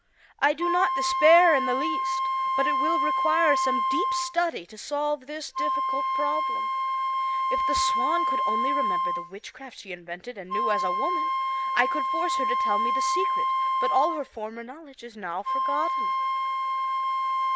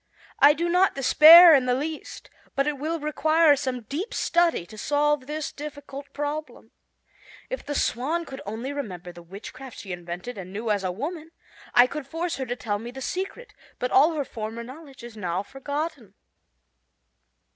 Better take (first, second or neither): second